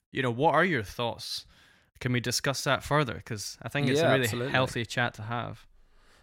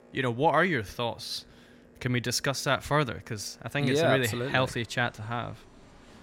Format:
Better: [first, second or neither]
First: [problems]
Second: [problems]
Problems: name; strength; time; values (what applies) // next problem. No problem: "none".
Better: first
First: none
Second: train or aircraft noise; faint; throughout; 30 dB below the speech